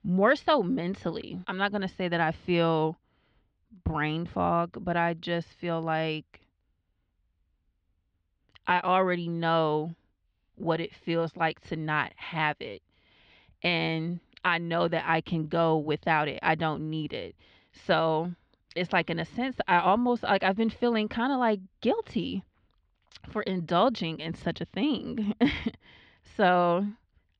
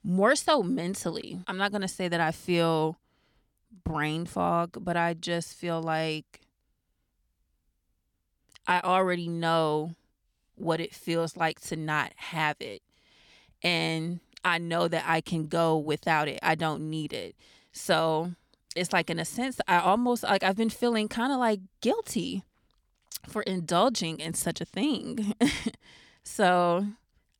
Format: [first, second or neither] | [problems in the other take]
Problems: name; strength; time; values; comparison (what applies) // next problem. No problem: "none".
second | muffled; slightly; fading above 3.5 kHz